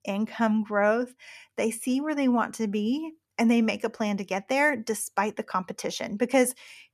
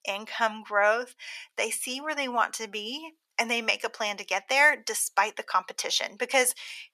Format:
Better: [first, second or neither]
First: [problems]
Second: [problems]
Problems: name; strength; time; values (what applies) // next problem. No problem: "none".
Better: first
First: none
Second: thin; very; fading below 750 Hz